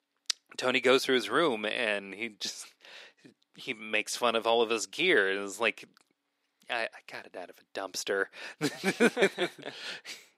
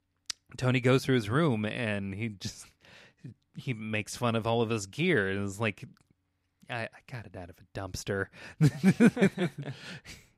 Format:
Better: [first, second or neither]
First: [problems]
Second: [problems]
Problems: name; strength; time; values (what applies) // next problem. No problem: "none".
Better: second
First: thin; somewhat; fading below 350 Hz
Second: none